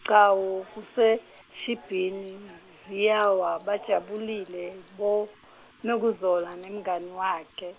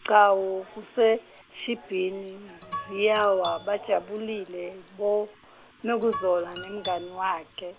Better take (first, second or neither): first